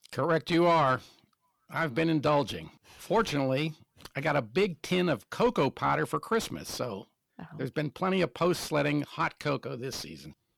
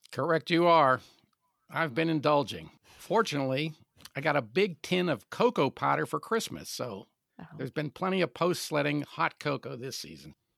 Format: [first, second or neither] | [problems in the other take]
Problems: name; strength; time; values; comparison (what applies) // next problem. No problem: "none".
second | distortion; slight; 10 dB below the speech